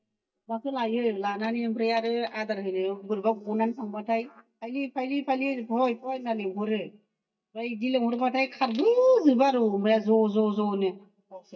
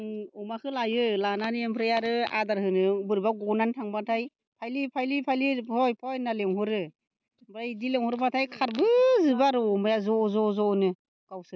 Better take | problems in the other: second | noise reduction (neural mask model DeepFilterNet 3)

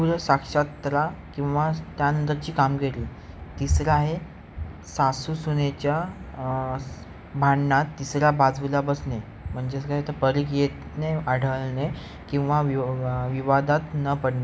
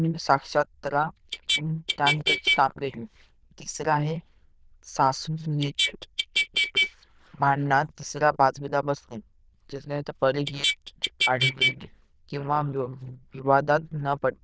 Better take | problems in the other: first | noise reduction (neural diffusion model UNIVERSE++)

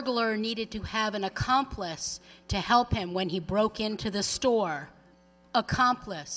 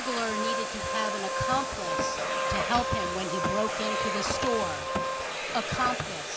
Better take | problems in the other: first | background sound (Domestic sounds, home sounds + Organ); 2 dB above the speech

